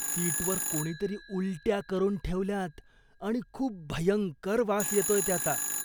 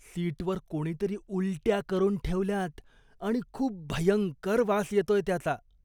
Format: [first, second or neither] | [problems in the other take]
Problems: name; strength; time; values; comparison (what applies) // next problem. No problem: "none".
second | background sound (Telephone); 6 dB below the speech